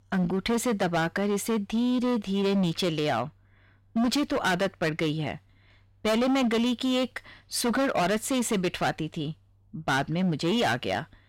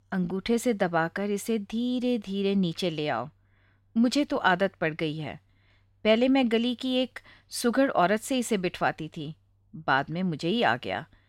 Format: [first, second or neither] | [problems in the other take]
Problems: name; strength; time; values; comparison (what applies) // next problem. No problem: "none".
second | distortion; heavy; 18% of the sound clipped